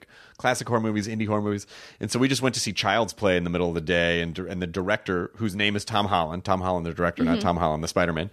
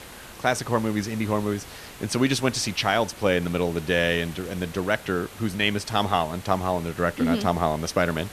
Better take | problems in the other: first | hiss; noticeable; throughout; 15 dB below the speech

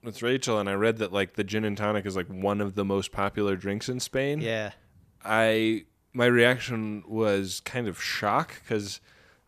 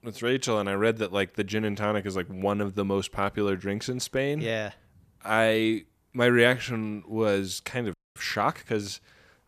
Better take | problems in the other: first | audio freezing; at 8 s

